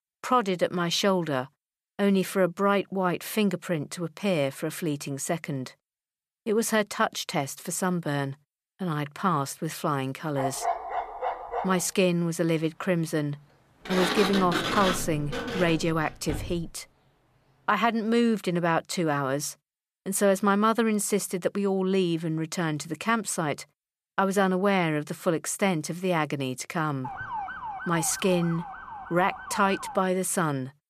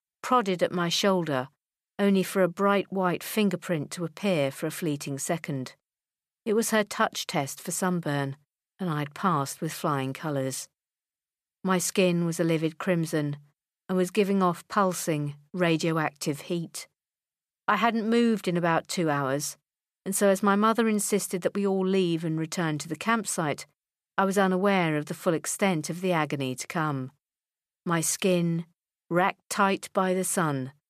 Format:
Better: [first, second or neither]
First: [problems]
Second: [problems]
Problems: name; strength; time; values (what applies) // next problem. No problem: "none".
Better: second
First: dog barking; noticeable; from 10 to 12 s; peak 3 dB below the speech // door banging; loud; from 14 to 17 s; peak 1 dB above the speech // siren; noticeable; from 27 to 30 s; peak 7 dB below the speech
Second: none